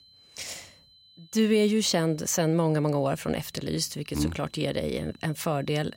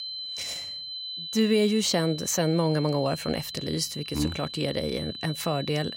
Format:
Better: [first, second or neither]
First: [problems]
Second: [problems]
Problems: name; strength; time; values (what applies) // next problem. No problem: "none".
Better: first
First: high-pitched whine; faint; throughout; 4 kHz, 30 dB below the speech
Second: high-pitched whine; loud; throughout; 4 kHz, 8 dB below the speech